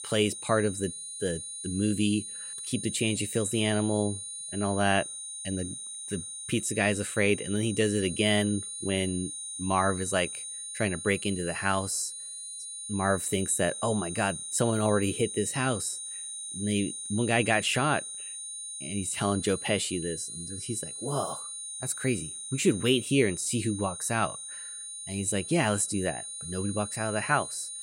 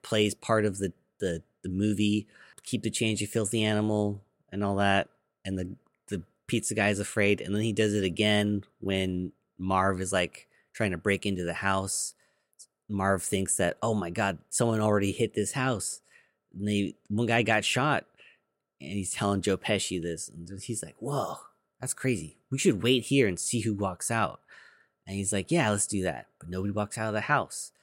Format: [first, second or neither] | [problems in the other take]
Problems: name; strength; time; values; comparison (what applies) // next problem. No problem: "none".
second | high-pitched whine; loud; throughout; 9 kHz, 7 dB below the speech